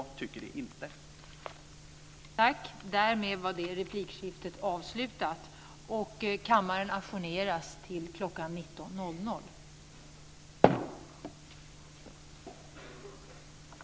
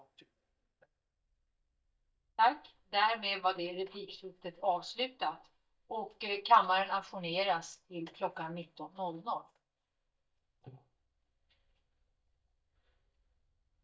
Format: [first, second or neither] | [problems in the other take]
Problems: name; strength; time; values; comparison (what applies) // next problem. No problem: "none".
first | noise reduction (neural mask model DeepFilterNet 3)